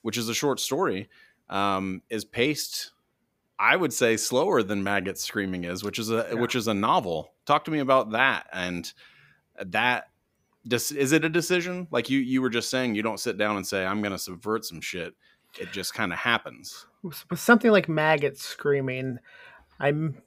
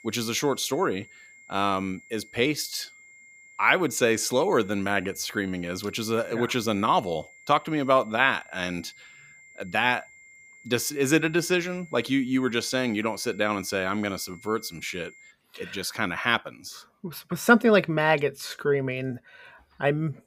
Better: first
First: none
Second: high-pitched whine; faint; until 15 s; 2 kHz, 25 dB below the speech

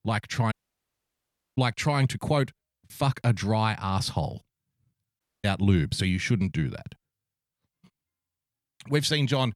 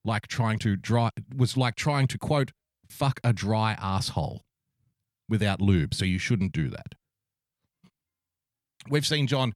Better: second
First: audio cutting out; at 0.5 s for 1 s and at 5 s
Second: none

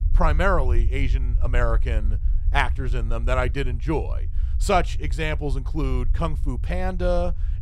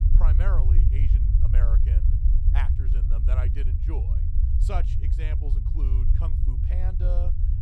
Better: first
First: low rumble; faint; throughout; 20 dB below the speech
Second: low rumble; loud; throughout; 2 dB below the speech

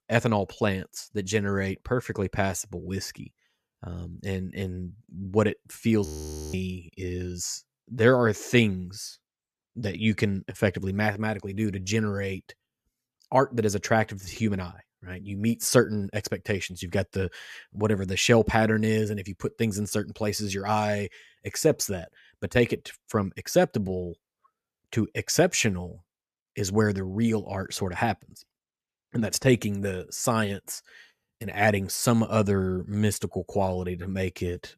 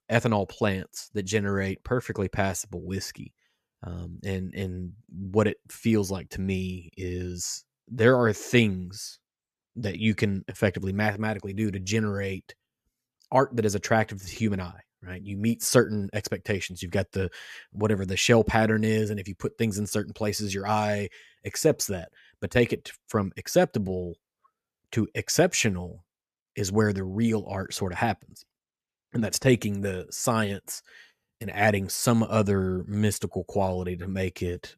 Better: second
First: audio freezing; at 6 s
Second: none

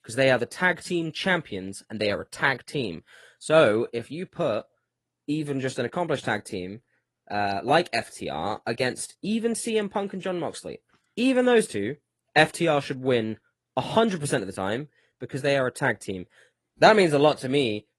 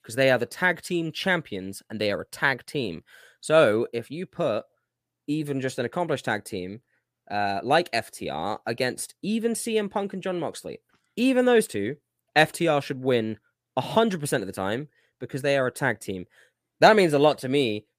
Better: second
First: garbled, watery; slightly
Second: none

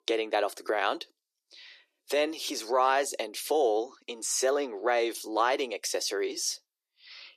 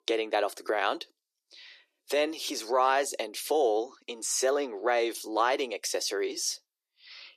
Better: neither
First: thin; very; fading below 350 Hz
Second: thin; very; fading below 350 Hz

